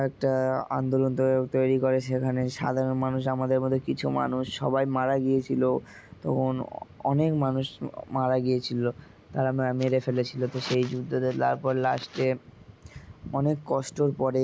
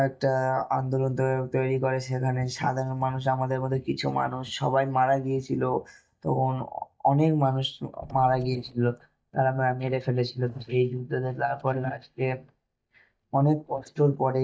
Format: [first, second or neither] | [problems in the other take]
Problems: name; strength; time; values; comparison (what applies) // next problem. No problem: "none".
first | noise reduction (neural mask model DeepFilterNet 3)